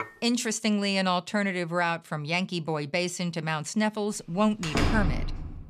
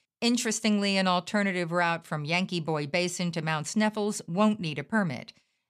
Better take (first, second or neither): second